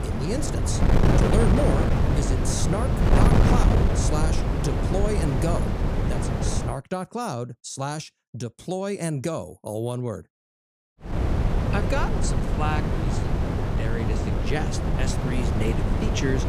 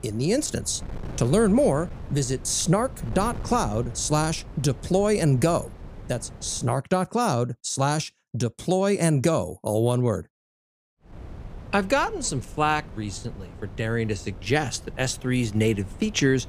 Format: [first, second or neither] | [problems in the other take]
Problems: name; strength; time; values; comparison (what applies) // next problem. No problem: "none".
second | wind noise on the microphone; heavy; until 6.5 s and from 11 s on; 1 dB above the speech; occasional gusts in the second